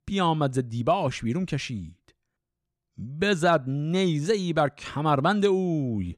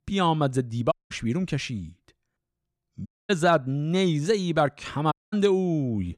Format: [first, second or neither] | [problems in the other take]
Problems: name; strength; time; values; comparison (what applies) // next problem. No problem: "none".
first | audio cutting out; at 1 s, at 3 s and at 5 s